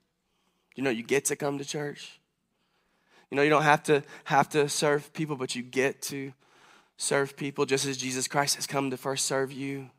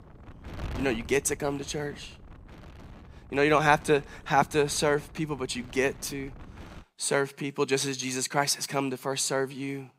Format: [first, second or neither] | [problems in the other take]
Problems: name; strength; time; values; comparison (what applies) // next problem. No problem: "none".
first | wind noise on the microphone; occasional gusts; until 7 s; 20 dB below the speech